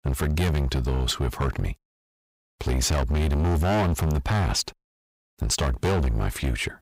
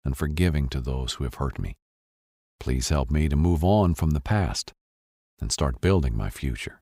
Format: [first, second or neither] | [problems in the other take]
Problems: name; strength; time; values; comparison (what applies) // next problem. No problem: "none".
second | distortion; heavy; 22% of the sound clipped